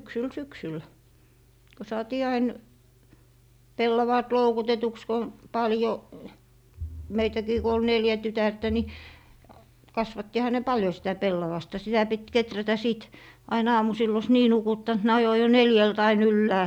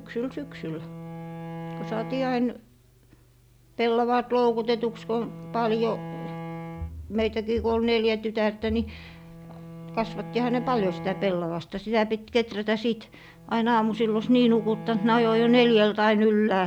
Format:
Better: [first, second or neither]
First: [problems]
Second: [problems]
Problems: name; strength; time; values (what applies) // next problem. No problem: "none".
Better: first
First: none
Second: background sound (Bowed string instrument); 15 dB below the speech